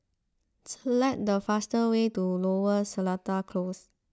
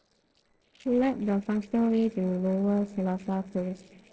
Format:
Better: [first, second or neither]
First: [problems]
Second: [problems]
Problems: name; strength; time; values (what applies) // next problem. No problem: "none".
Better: first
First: none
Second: noise reduction (neural separator model SepFormer DNS4)